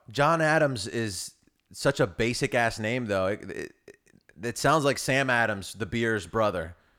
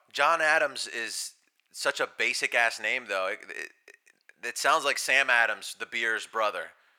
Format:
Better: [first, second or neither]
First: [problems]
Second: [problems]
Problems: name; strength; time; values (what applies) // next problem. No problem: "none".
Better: first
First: none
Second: thin; very; fading below 750 Hz